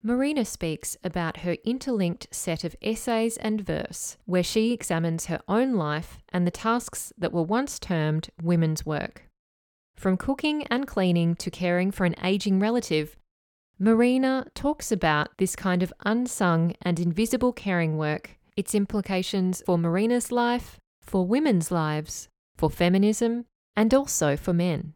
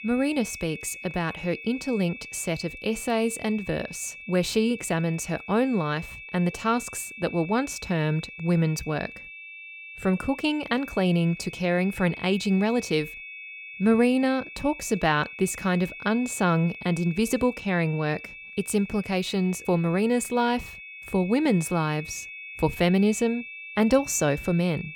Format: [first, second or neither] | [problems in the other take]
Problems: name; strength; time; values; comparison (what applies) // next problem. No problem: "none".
first | high-pitched whine; noticeable; throughout; 2.5 kHz, 15 dB below the speech